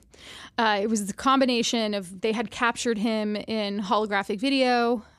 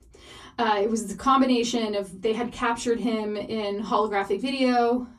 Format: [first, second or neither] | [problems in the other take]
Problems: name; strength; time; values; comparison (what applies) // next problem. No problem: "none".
first | off-mic speech; far // room echo; very slight; dies away in 0.2 s